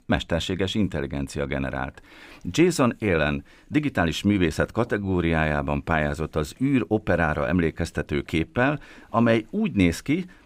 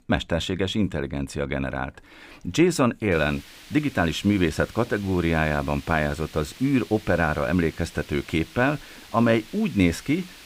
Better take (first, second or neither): first